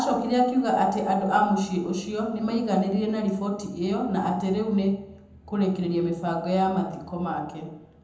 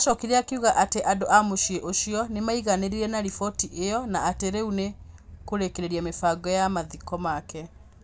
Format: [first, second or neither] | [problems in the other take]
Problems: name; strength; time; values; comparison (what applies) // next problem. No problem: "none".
second | room echo; dies away in 0.8 s